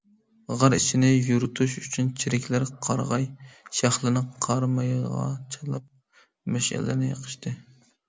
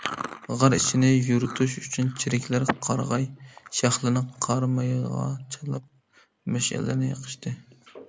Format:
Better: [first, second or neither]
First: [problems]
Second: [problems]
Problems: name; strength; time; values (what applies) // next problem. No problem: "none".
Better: first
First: none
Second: background sound (Chewing, mastication); 14 dB below the speech